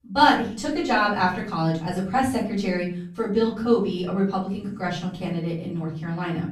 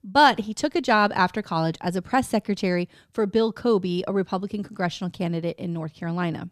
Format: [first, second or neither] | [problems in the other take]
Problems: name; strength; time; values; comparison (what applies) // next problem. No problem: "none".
second | off-mic speech; far // room echo; slight; dies away in 0.5 s